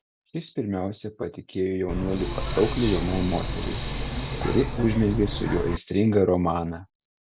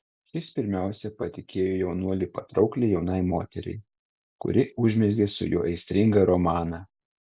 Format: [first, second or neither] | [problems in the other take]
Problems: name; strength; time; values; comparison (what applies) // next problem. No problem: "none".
second | background sound (Hiss); 3 dB below the speech